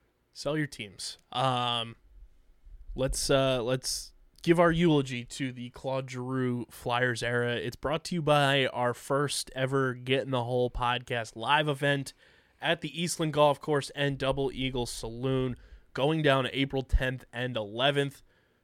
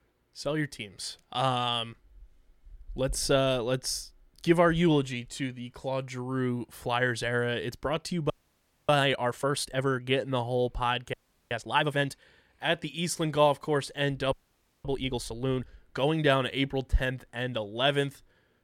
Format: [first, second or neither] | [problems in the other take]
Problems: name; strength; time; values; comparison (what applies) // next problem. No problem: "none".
first | audio freezing; at 8.5 s for 0.5 s, at 11 s and at 14 s for 0.5 s